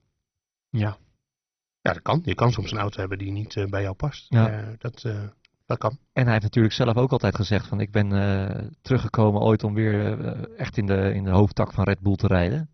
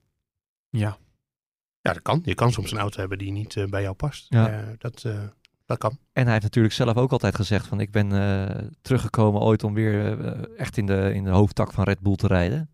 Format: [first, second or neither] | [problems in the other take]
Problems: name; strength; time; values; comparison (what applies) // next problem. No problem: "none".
second | garbled, watery; badly; nothing above 6 kHz